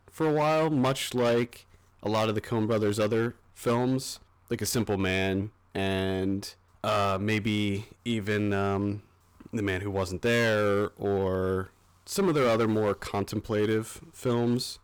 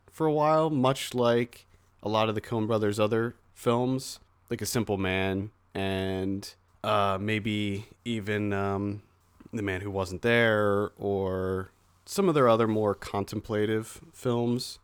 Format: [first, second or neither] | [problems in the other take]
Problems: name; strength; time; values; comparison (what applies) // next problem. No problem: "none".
second | distortion; slight; 8% of the sound clipped